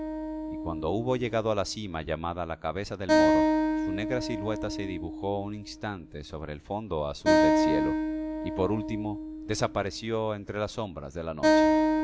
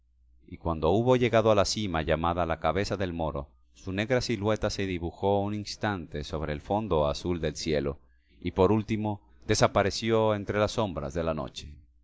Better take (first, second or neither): second